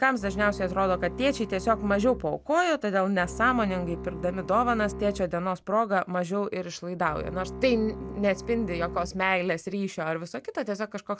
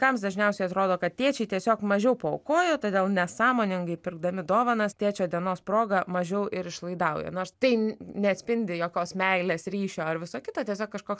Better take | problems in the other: second | background sound (Bowed string instrument); 12 dB below the speech

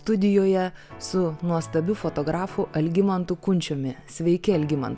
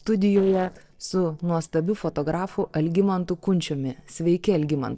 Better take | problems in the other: first | noise reduction (neural separator model SepFormer DNS4)

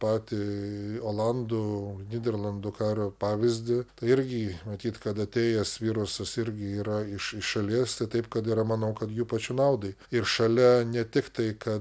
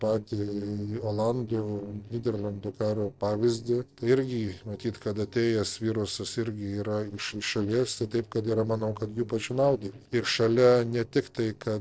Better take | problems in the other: first | noise reduction (neural separator model SepFormer DNS4)

